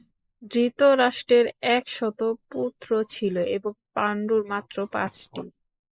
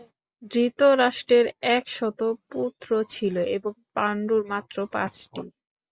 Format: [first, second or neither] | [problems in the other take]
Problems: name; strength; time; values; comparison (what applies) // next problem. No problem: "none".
second | noise reduction (neural mask model Resemble Enhance denoiser)